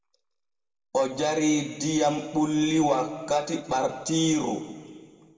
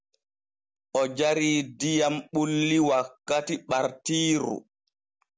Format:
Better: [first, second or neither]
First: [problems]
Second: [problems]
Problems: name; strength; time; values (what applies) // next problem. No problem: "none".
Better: second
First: room echo; dies away in 1.5 s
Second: none